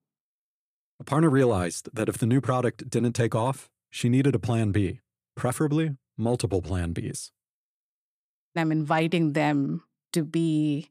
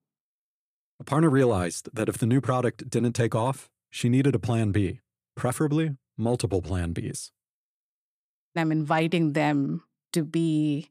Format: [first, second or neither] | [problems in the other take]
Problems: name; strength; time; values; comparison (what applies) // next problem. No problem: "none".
neither | none